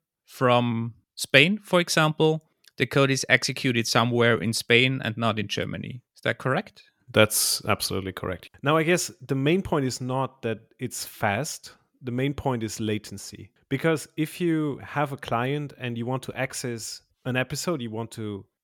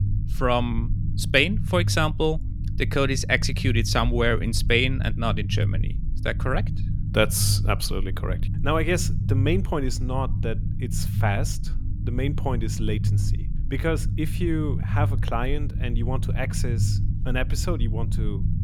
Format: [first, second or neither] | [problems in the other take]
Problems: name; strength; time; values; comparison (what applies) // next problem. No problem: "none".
first | low rumble; noticeable; throughout; 15 dB below the speech